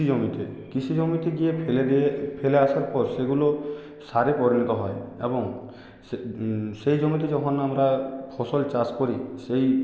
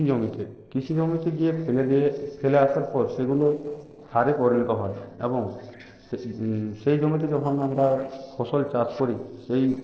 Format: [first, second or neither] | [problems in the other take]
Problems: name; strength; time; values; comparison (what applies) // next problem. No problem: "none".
first | noise reduction (neural separator model SepFormer DNS4)